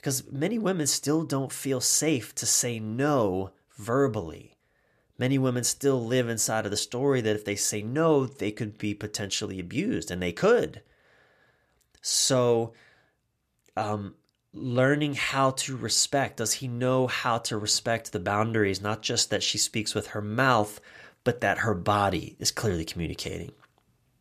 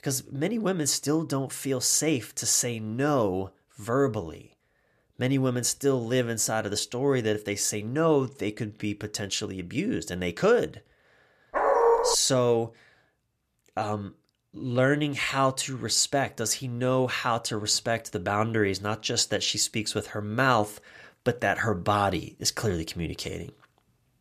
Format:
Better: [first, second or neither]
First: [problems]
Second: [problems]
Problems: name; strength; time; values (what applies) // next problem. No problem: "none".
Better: first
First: none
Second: dog barking; loud; at 12 s; peak 5 dB above the speech